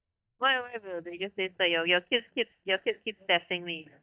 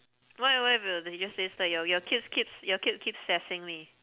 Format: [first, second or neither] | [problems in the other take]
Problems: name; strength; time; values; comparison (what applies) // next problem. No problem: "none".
second | noise reduction (neural mask model DeepFilterNet 3)